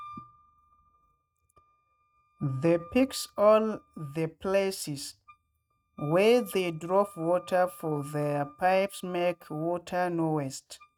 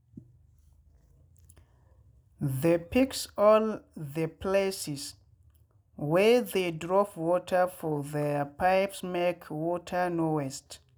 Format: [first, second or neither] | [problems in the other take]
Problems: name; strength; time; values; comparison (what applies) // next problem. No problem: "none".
second | noise reduction (neural mask model RNNoise)